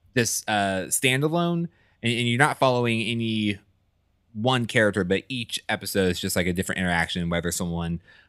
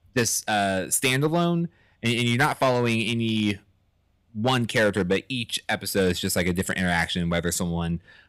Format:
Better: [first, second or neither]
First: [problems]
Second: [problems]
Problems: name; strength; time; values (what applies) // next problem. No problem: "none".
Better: first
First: none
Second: distortion; slight; 3% of the sound clipped